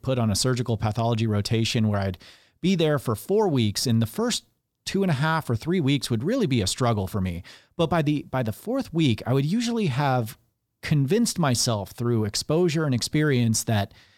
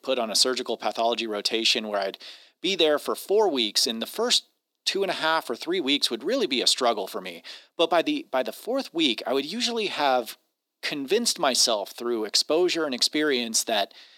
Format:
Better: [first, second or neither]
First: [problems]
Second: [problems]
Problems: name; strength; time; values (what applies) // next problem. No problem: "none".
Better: first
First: none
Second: thin; somewhat; fading below 300 Hz